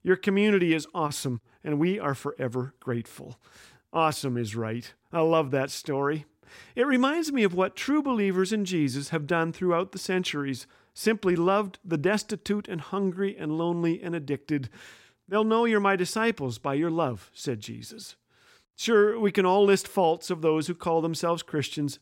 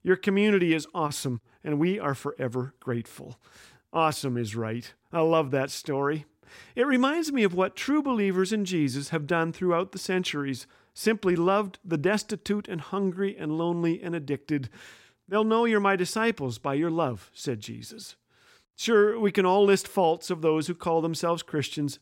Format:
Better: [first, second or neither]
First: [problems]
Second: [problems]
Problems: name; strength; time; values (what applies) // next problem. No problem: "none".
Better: neither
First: none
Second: none